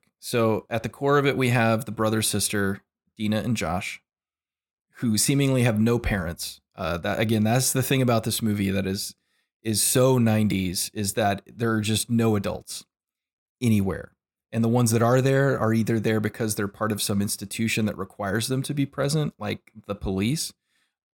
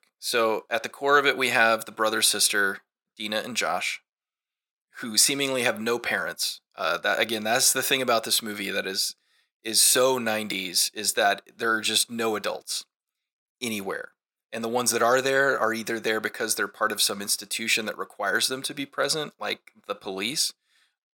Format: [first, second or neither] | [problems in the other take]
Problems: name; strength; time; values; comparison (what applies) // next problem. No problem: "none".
first | thin; very; fading below 450 Hz